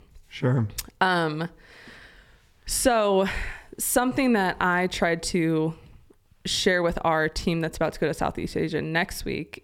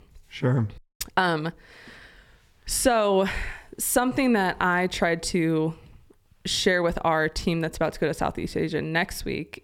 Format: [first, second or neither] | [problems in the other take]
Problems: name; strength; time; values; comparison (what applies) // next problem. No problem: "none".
first | audio freezing; at 1 s